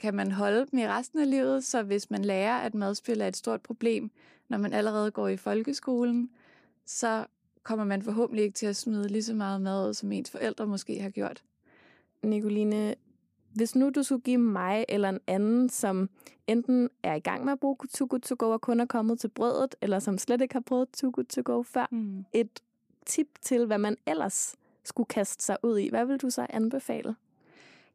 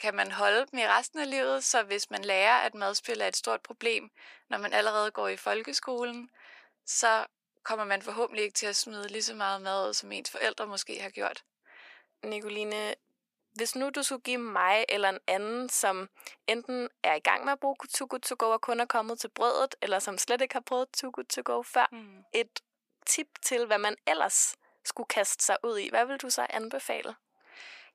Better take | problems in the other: first | thin; very; fading below 800 Hz

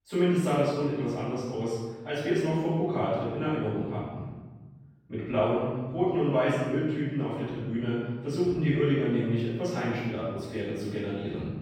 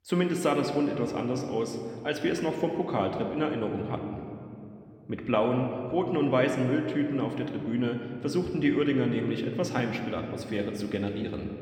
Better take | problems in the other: second | room echo; strong; dies away in 1.3 s; slight in the second // off-mic speech; far

